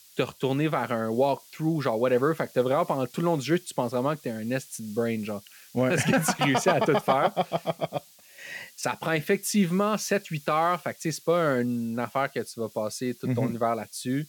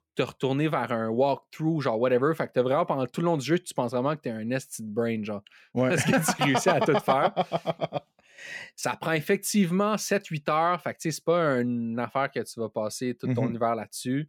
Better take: second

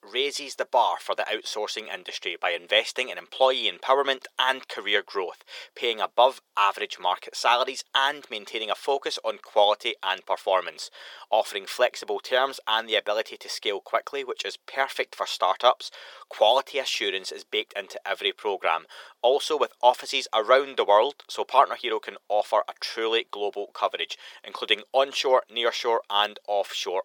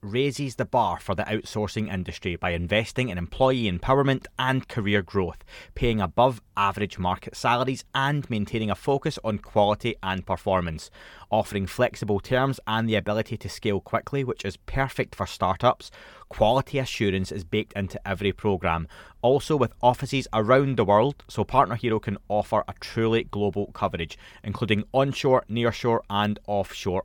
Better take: second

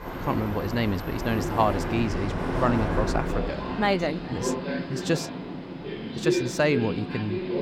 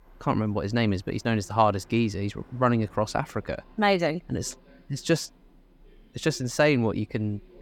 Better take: second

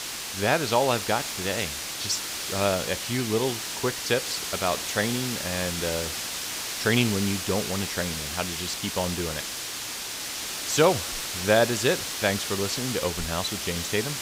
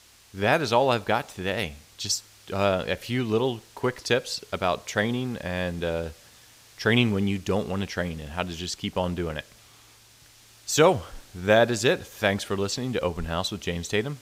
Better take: second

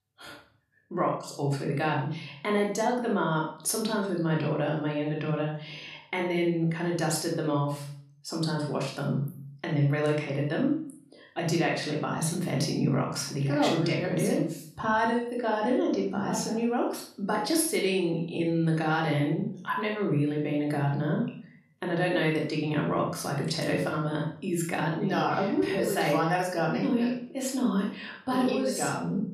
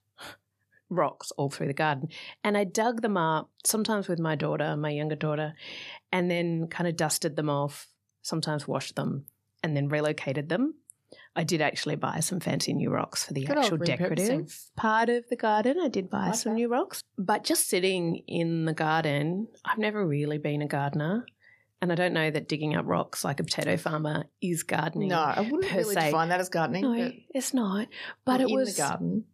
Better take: second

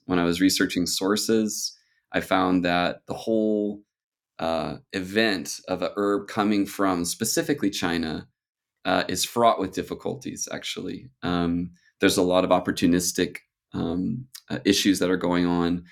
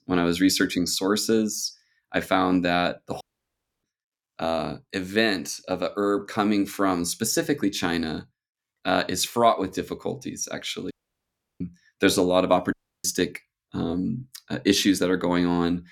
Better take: first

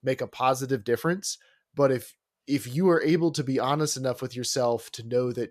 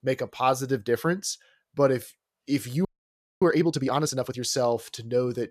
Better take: first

